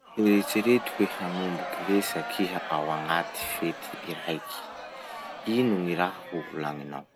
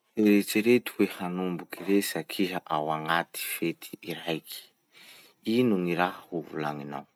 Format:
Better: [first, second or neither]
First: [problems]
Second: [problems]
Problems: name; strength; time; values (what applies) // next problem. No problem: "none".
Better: second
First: background sound (Crowd); 9 dB below the speech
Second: none